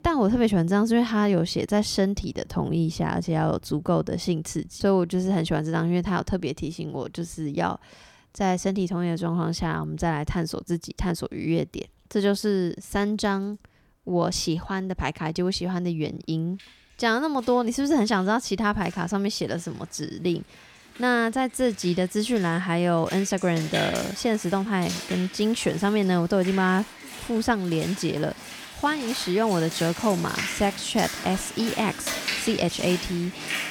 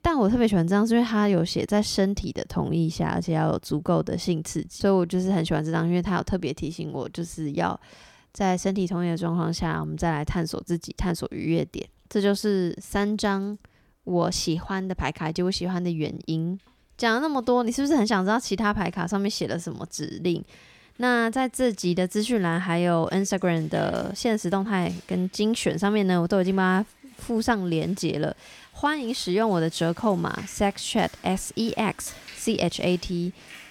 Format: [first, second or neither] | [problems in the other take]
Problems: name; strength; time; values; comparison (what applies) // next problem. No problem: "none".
second | rain or running water; loud; throughout; 9 dB below the speech; faint in the second